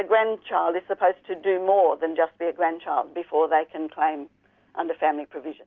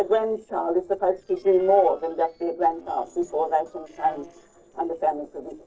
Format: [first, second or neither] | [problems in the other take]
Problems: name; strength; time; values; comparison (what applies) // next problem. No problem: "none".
first | noise reduction (neural separator model SepFormer DNS4)